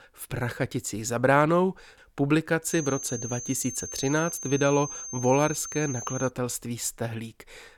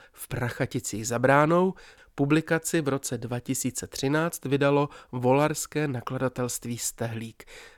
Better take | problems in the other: second | high-pitched whine; loud; from 2.5 to 6.5 s; 6.5 kHz, 8 dB below the speech

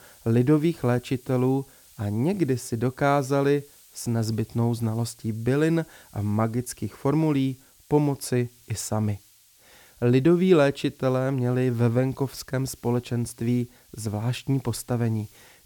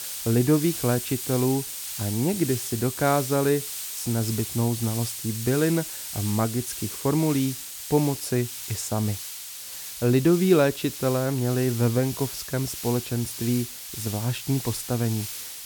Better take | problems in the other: first | hiss; loud; throughout; 7 dB below the speech; faint in the first

